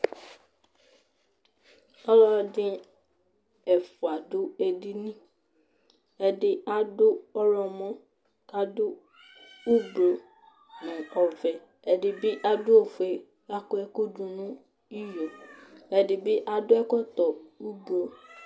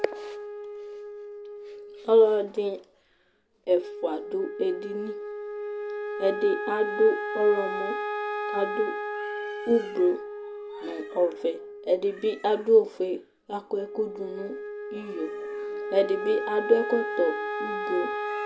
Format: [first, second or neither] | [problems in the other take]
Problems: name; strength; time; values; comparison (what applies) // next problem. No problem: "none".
first | background sound (Wind instrument, woodwind instrument); 7 dB below the speech